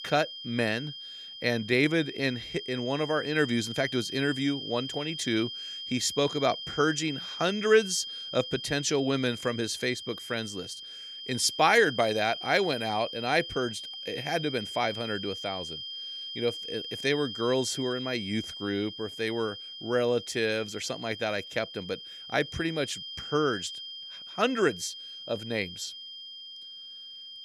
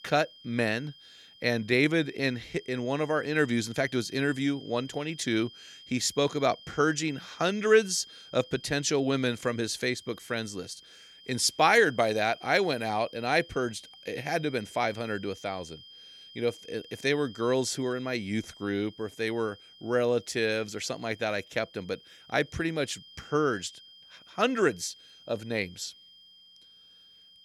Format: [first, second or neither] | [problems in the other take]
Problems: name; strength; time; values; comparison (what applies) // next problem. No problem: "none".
second | high-pitched whine; loud; throughout; 3 kHz, 9 dB below the speech; faint in the second